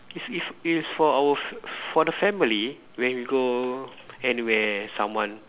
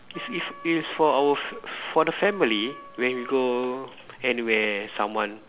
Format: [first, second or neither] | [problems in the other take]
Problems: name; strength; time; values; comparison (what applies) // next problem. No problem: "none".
first | background sound (Wind instrument, woodwind instrument); 18 dB below the speech